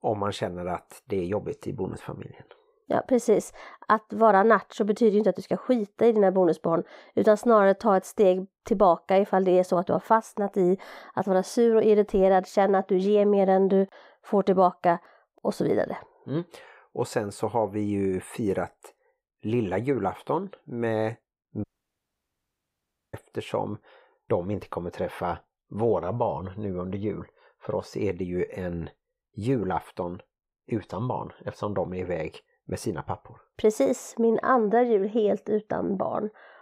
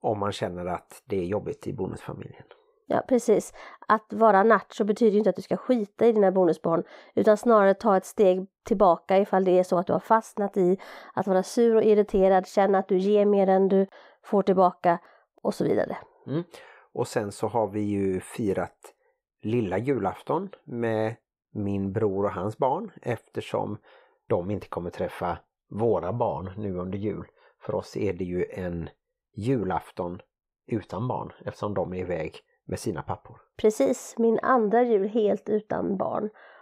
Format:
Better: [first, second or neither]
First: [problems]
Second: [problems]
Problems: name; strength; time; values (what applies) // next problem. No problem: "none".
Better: second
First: audio cutting out; at 22 s for 1.5 s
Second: none